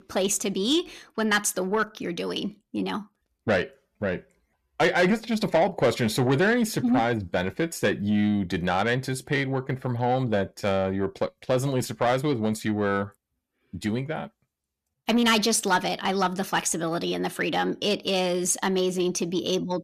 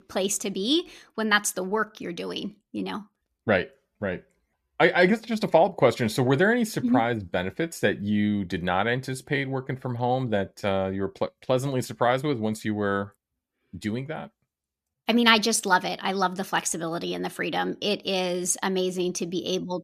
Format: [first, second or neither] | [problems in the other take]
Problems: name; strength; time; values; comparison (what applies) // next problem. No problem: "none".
second | distortion; slight; 10 dB below the speech